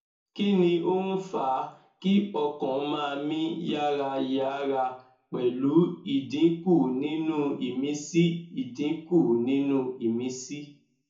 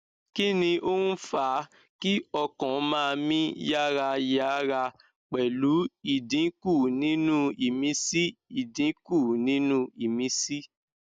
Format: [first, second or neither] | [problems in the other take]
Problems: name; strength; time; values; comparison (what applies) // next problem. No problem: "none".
second | room echo; dies away in 0.6 s